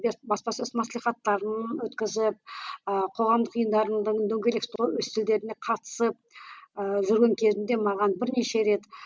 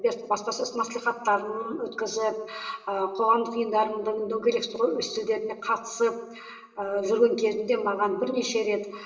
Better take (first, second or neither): first